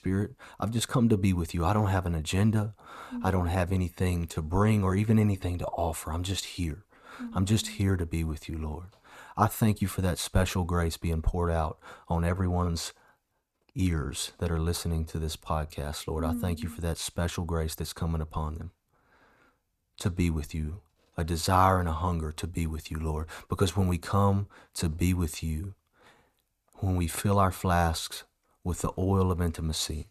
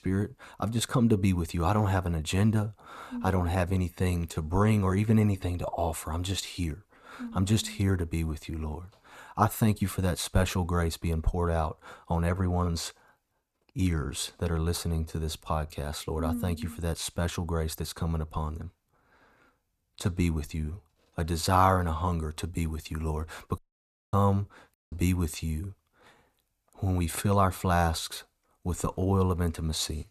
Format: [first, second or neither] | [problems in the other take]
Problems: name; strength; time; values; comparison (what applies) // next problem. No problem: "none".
first | audio cutting out; at 24 s for 0.5 s and at 25 s